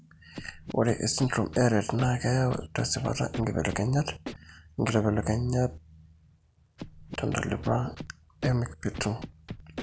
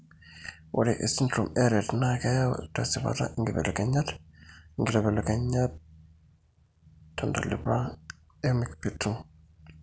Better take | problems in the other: second | background sound (Scratching (performance technique)); 15 dB below the speech

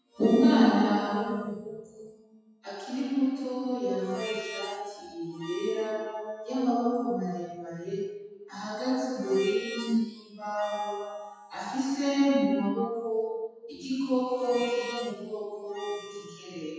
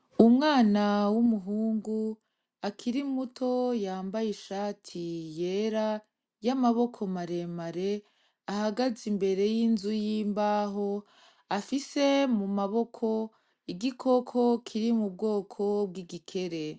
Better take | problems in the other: second | noise reduction (classical method WPE with log-MMSE)

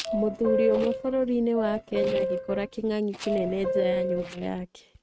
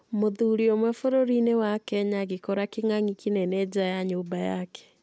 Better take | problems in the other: second | noise reduction (neural mask model RNNoise)

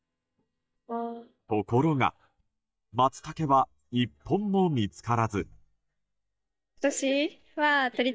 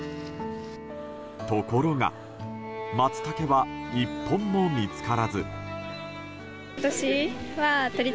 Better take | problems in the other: second | noise reduction (neural mask model DeepFilterNet 3)

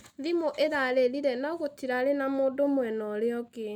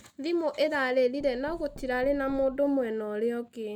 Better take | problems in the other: first | background sound (Knock); 19 dB below the speech

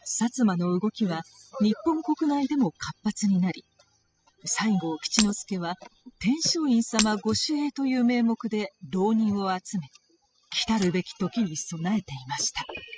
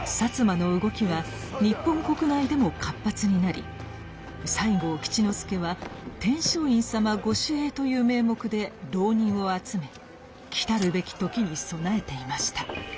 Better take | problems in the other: second | noise reduction (classical method spectral subtraction)

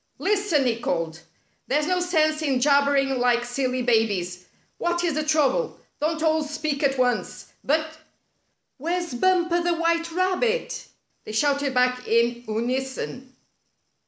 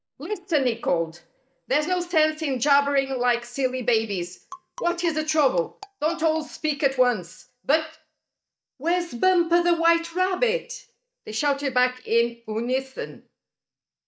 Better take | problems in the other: first | noise reduction (neural mask model DeepFilterNet 3)

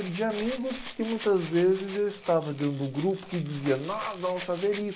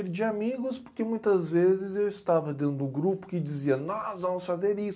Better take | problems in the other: second | background sound (Rattle (instrument)); 15 dB below the speech

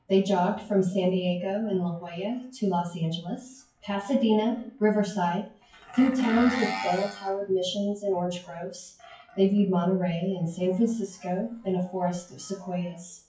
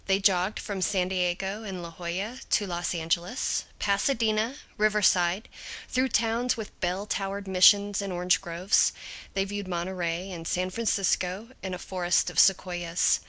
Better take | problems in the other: second | noise reduction (classical method WPE with log-MMSE)

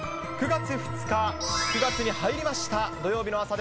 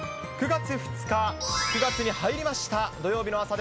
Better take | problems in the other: second | background sound (Organ); 9 dB below the speech

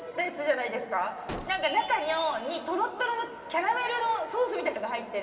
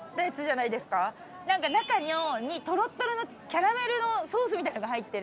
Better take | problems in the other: second | background sound (Gunshot, gunfire); 13 dB below the speech // room echo; dies away in 2.2 s

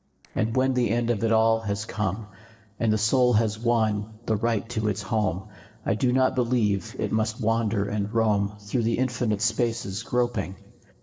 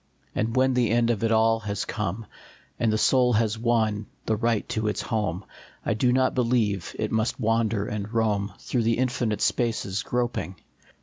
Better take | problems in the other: second | noise reduction (neural separator model SepFormer DNS4)

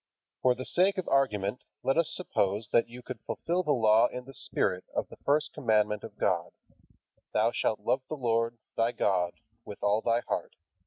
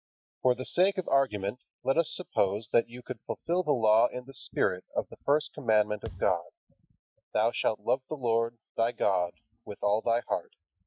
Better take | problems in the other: first | noise reduction (classical method Wiener filter)

